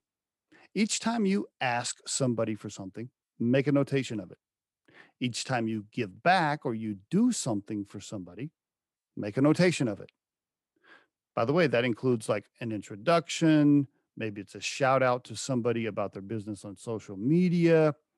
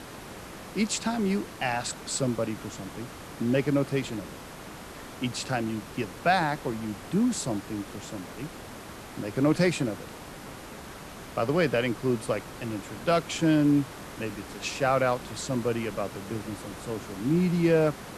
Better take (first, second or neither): first